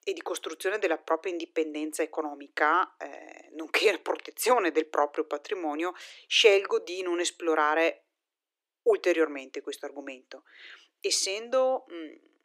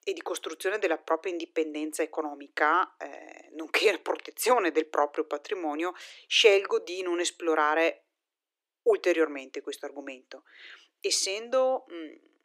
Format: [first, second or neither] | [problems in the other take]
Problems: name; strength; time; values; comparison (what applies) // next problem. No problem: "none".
neither | thin; very; fading below 300 Hz; the same in both